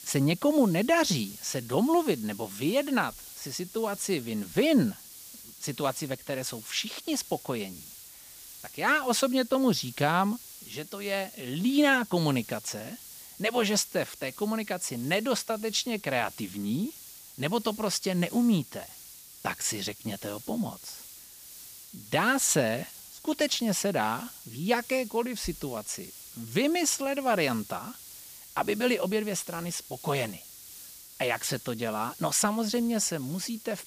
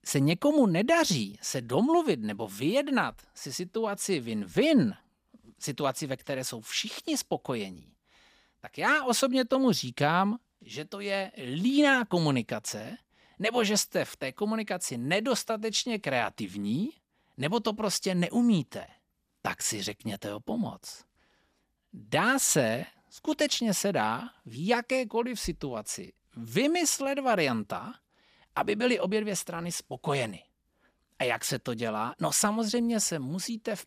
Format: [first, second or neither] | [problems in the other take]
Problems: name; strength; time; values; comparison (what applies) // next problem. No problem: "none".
second | hiss; noticeable; throughout; 15 dB below the speech